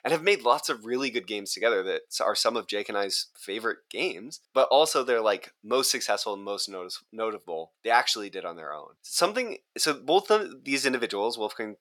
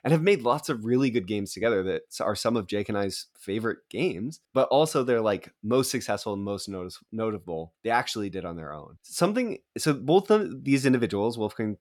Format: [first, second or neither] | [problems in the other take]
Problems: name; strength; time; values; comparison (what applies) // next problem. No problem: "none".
second | thin; somewhat; fading below 550 Hz